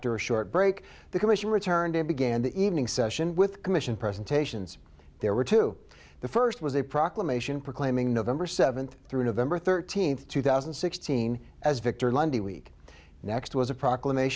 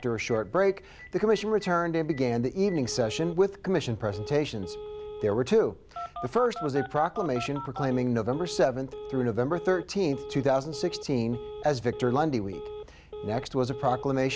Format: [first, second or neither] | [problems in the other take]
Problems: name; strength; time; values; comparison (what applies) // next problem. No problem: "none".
first | background sound (Telephone); 14 dB below the speech